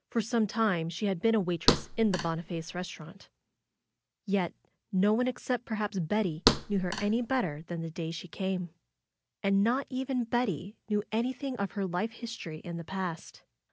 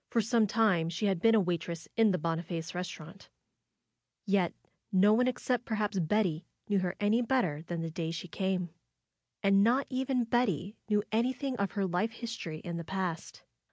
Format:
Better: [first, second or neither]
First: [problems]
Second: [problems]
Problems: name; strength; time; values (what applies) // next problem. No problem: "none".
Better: second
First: background sound (Thump, thud); 1 dB below the speech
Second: none